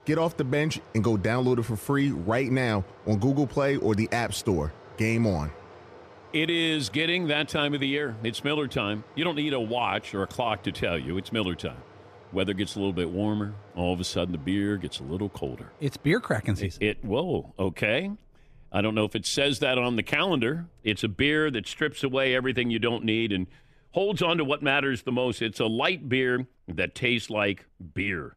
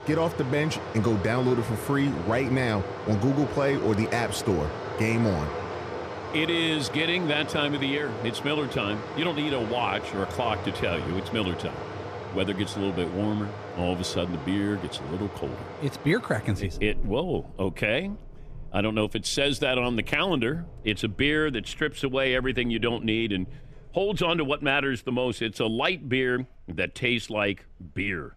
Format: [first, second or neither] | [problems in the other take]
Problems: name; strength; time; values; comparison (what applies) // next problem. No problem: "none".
first | rain or running water; loud; throughout; 9 dB below the speech; faint in the first